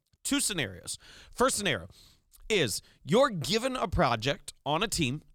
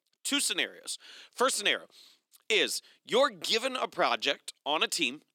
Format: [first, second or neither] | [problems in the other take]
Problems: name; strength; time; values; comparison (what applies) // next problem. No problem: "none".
first | thin; very slightly; fading below 250 Hz